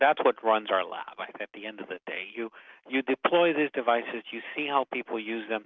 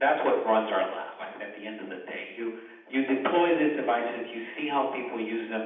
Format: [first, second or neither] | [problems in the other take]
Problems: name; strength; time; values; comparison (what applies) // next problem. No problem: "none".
first | room echo; dies away in 0.8 s